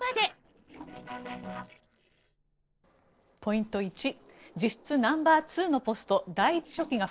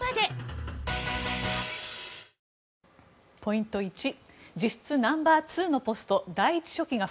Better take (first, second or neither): second